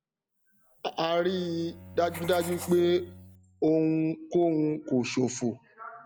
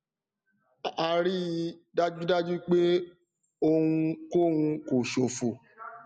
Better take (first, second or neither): second